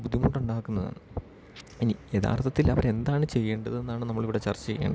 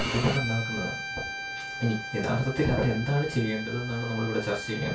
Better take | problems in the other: first | background sound (Bowed string instrument); 7 dB below the speech // room echo; dies away in 0.2 s

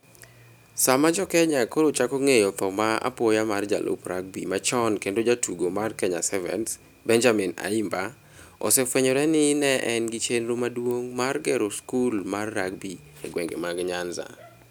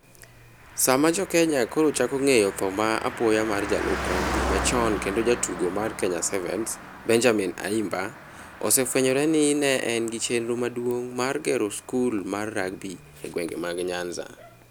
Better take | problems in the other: first | background sound (Car passing by); 11 dB below the speech

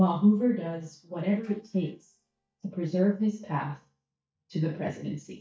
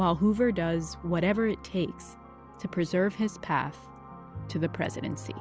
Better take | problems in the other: second | noise reduction (neural mask model DeepFilterNet 3)

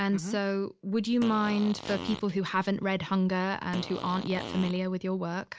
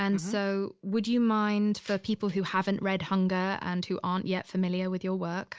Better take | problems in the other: second | background sound (Fart); 11 dB below the speech

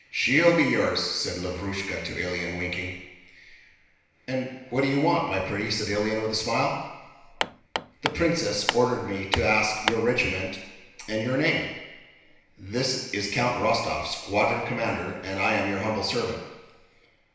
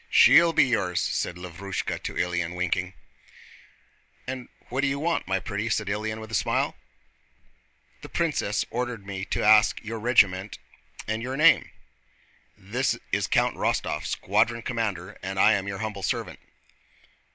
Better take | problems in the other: second | background sound (Hammer); 5 dB below the speech // room echo; dies away in 1 s

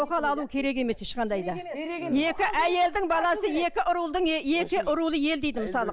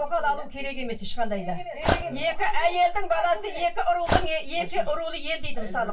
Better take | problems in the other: first | background sound (Dog); 5 dB below the speech // room echo; dies away in 0.2 s

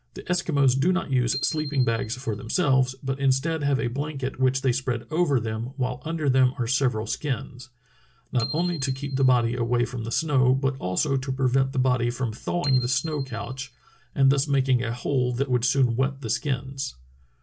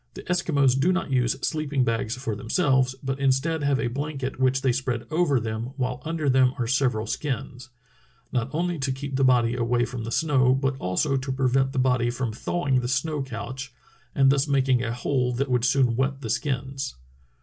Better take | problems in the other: second | background sound (Bicycle bell); 17 dB below the speech

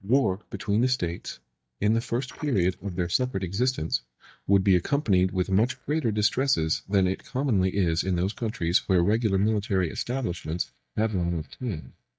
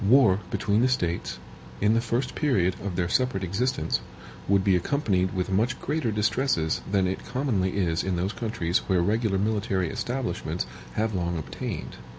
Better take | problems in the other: second | noise reduction (neural mask model DeepFilterNet 3)

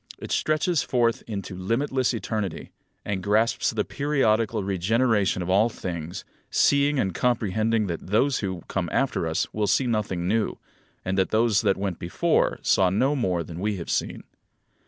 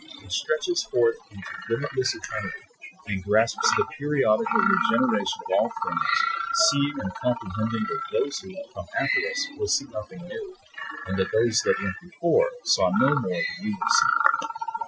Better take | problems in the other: first | noise reduction (classical method Wiener filter)

